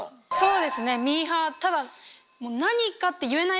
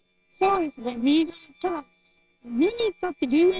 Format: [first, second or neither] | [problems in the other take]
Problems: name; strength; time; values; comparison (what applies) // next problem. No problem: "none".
first | noise reduction (neural separator model SepFormer WHAMR!)